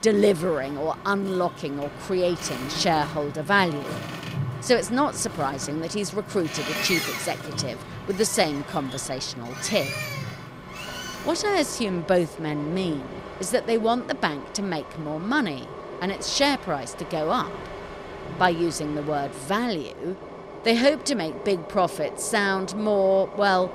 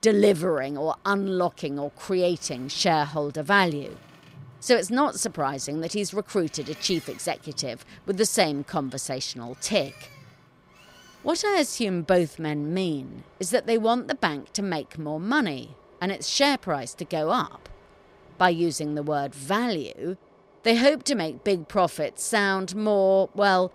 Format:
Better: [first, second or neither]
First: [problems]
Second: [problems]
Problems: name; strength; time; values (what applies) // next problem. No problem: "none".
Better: second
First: train or aircraft noise; loud; throughout; 10 dB below the speech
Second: train or aircraft noise; faint; throughout; 25 dB below the speech